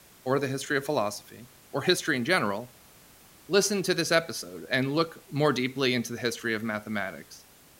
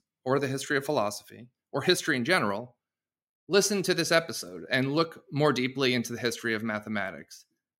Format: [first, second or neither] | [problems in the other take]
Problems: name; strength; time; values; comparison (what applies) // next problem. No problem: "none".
second | hiss; faint; throughout; 25 dB below the speech